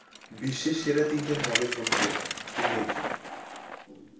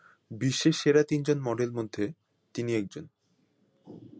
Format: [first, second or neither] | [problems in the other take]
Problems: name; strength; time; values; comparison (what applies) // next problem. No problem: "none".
second | background sound (Bicycle); 1 dB below the speech // room echo; dies away in 0.5 s